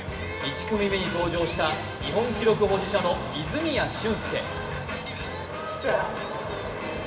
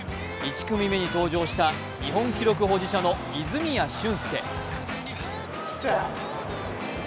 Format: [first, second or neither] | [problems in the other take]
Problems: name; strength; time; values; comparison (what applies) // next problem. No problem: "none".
second | room echo; dies away in 2.1 s